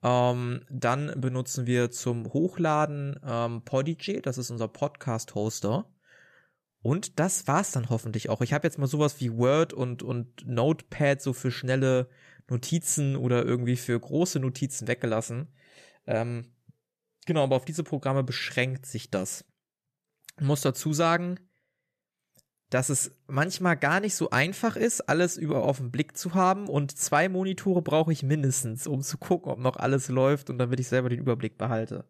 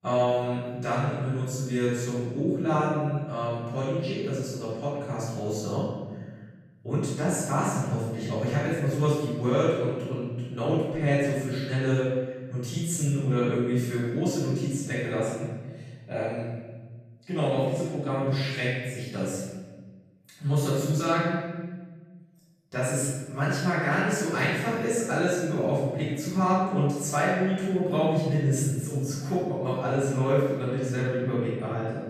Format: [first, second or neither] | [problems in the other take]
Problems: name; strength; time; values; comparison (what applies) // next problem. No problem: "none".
first | room echo; strong; dies away in 1.3 s // off-mic speech; far